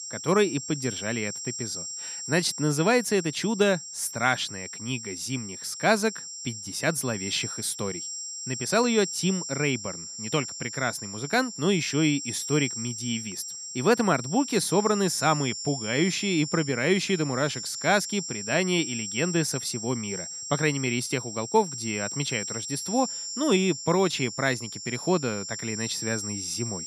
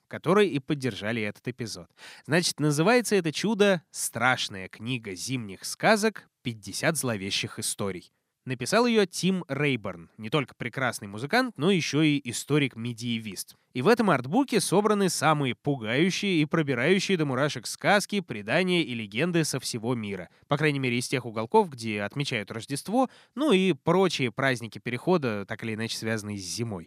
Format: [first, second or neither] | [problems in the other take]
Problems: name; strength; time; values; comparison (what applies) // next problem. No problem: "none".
second | high-pitched whine; loud; throughout; 7.5 kHz, 7 dB below the speech